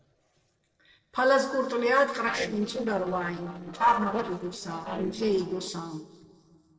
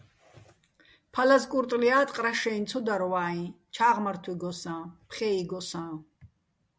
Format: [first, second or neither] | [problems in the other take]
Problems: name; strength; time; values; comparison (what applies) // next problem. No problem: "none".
second | noise reduction (neural separator model SepFormer DNS4)